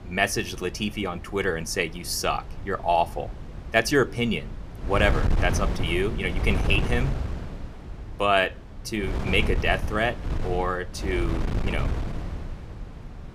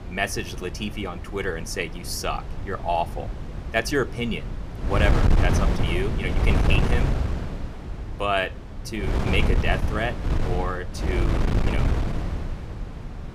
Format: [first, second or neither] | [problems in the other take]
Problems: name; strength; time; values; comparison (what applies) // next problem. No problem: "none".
first | wind noise on the microphone; heavy; 6 dB below the speech; occasional gusts in the first